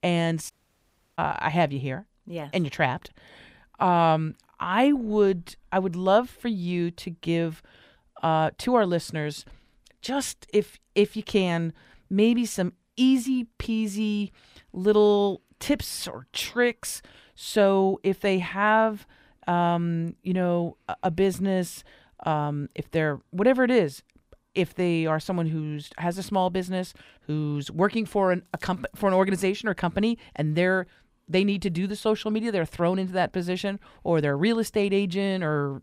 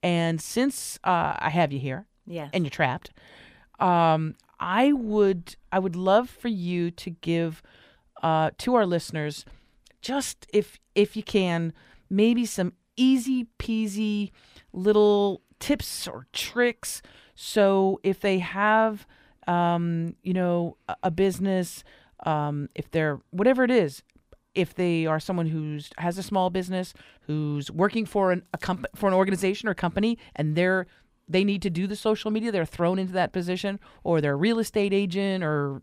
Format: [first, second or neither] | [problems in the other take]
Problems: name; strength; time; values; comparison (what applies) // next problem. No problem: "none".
second | audio cutting out; at 0.5 s for 0.5 s